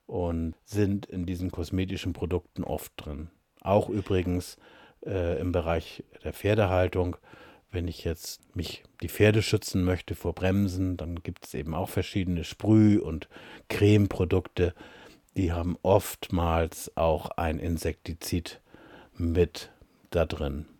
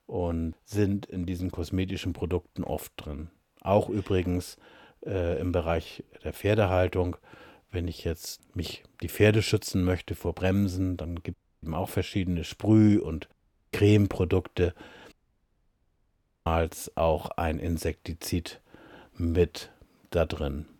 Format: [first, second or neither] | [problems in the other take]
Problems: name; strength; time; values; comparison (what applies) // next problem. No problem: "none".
first | audio cutting out; at 11 s, at 13 s and at 15 s for 1.5 s